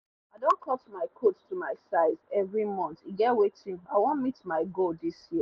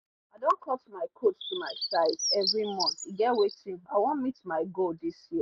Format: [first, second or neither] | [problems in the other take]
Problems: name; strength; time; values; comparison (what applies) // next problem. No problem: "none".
first | noise reduction (neural mask model RNNoise)